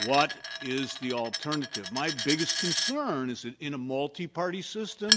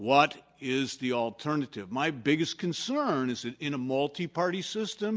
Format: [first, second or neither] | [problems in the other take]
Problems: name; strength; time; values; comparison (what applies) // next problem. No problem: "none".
second | background sound (Coin (dropping)); 2 dB below the speech